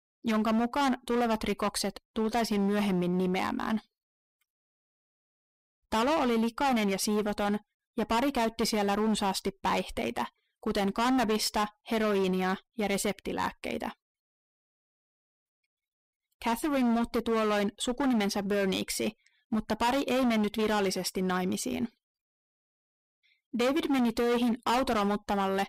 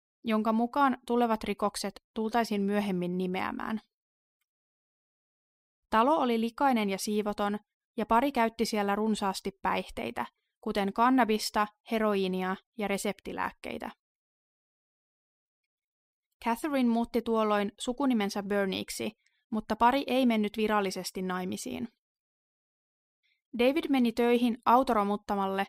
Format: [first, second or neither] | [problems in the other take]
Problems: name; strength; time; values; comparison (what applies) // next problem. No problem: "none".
second | distortion; heavy; 15% of the sound clipped